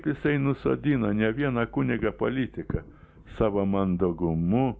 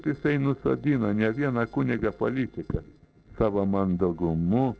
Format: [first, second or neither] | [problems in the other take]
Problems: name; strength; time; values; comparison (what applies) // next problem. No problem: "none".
first | noise reduction (neural separator model SepFormer DNS4)